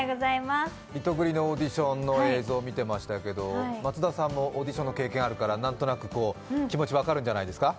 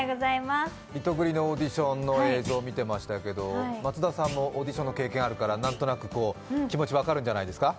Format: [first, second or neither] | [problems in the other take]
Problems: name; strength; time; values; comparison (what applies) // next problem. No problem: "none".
first | background sound (Thump, thud); 15 dB below the speech